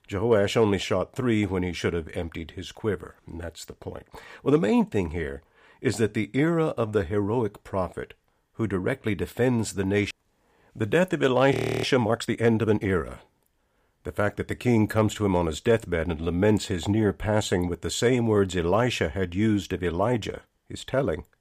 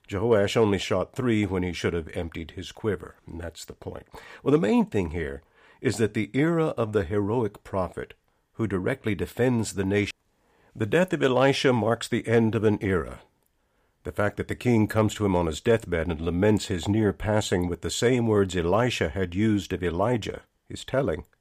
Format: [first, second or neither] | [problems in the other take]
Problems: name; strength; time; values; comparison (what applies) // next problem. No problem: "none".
second | audio freezing; at 12 s